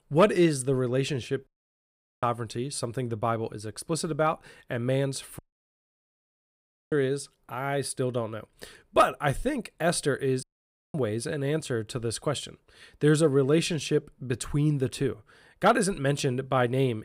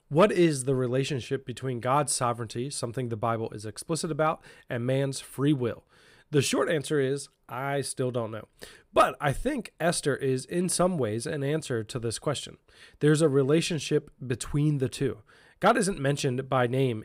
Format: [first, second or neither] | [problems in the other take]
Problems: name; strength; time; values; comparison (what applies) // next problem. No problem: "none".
second | audio cutting out; at 1.5 s for 1 s, at 5.5 s for 1.5 s and at 10 s for 0.5 s